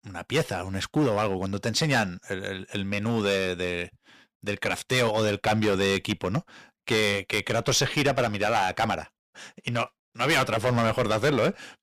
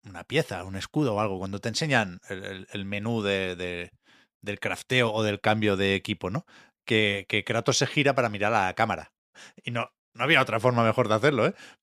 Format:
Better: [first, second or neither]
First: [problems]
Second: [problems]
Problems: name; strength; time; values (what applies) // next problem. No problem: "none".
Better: second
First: distortion; heavy; 7% of the sound clipped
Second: none